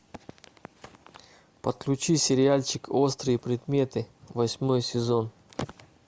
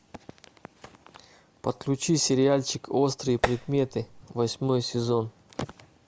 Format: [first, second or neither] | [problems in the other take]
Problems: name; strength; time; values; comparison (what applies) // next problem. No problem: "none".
first | background sound (Tap); 4 dB below the speech